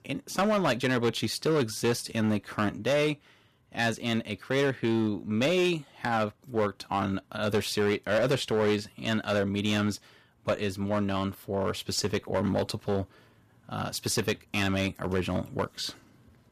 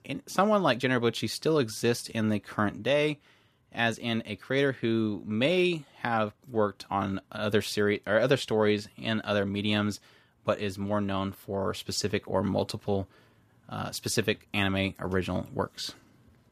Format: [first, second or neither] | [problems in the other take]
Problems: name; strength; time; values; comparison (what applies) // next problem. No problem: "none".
second | distortion; slight; 6% of the sound clipped